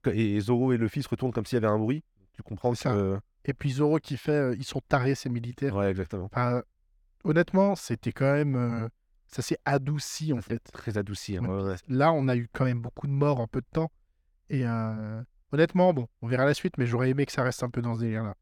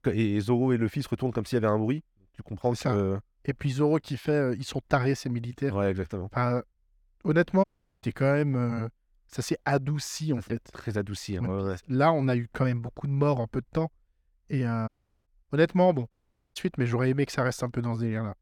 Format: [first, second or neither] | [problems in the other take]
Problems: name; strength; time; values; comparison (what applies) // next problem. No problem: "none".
first | audio cutting out; at 7.5 s, at 15 s and at 16 s